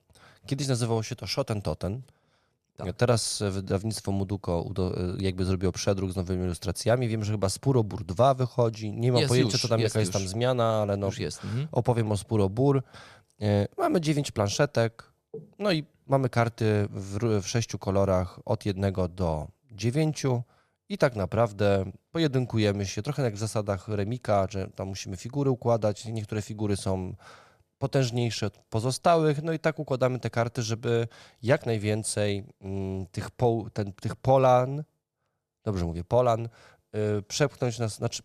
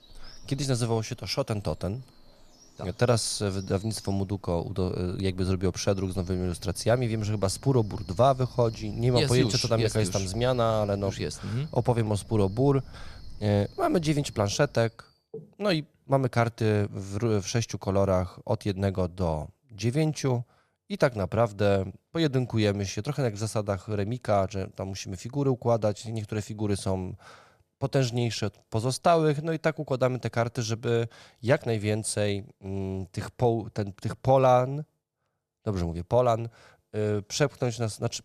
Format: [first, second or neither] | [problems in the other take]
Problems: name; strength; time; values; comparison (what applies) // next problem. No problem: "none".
first | animal sounds; faint; until 15 s; 20 dB below the speech